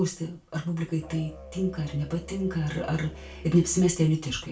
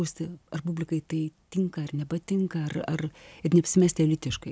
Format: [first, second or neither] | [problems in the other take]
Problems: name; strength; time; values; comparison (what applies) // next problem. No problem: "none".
second | background sound (Musical instrument); 18 dB below the speech // room echo; dies away in 0.3 s